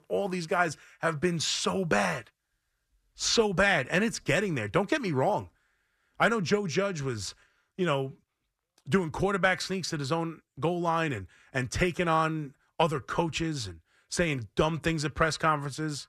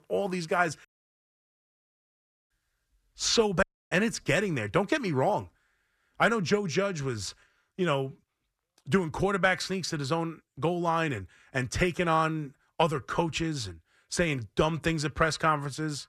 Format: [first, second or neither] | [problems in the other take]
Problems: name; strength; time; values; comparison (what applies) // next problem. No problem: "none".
first | audio cutting out; at 1 s for 1.5 s and at 3.5 s